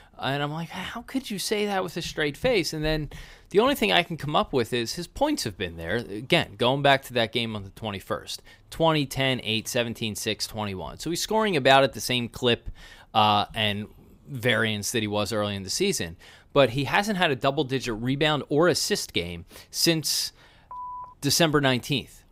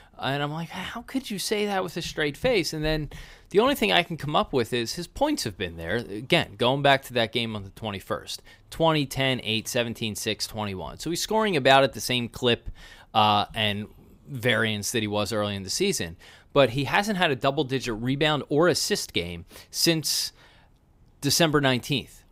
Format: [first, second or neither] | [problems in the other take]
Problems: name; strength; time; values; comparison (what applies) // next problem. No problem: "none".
second | phone ringing; faint; at 21 s; peak 10 dB below the speech